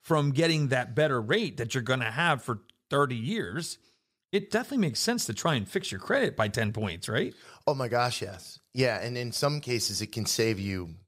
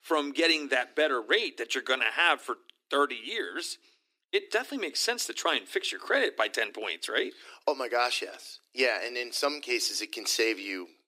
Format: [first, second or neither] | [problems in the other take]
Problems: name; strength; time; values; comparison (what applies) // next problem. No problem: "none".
first | thin; somewhat; fading below 300 Hz